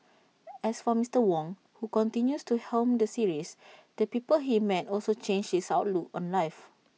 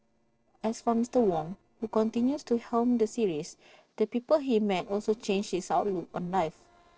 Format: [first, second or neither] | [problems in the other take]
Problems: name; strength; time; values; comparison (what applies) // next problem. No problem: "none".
first | noise reduction (neural separator model SepFormer DNS4)